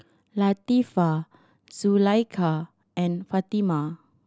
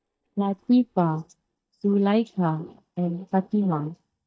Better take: first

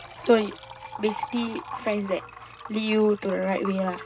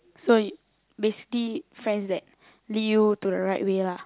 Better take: second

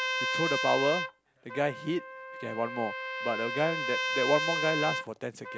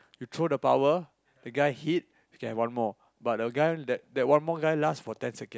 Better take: second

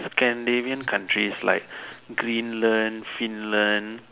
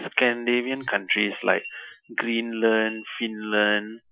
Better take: first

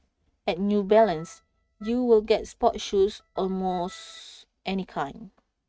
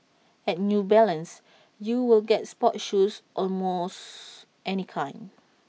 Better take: second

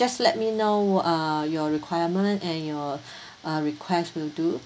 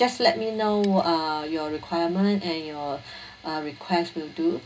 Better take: first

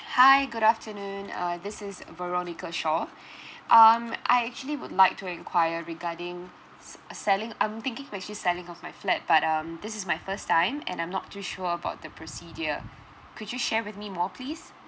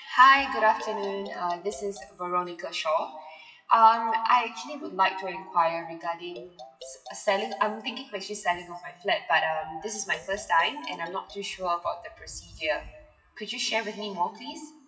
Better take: first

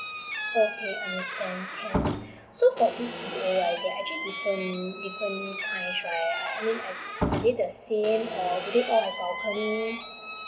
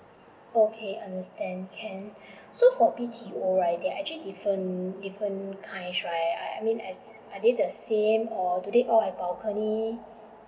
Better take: second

